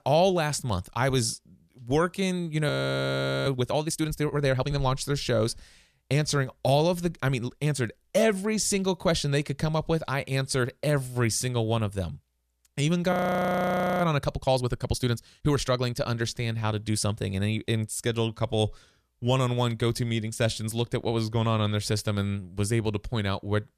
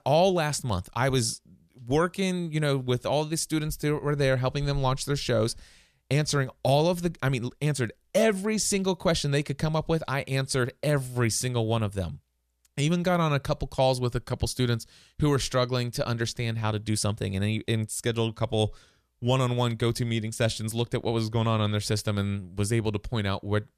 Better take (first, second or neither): second